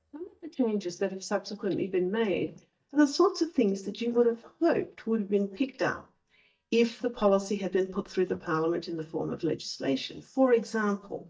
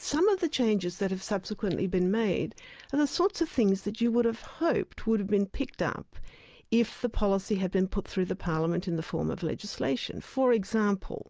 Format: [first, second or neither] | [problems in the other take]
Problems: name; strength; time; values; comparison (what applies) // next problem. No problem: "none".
second | noise reduction (neural mask model DeepFilterNet 3)